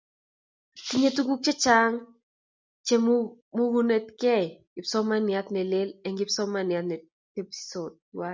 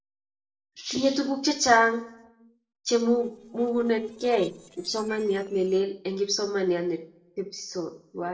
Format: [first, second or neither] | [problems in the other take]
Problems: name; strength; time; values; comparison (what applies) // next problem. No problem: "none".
first | noise reduction (neural separator model SepFormer DNS4)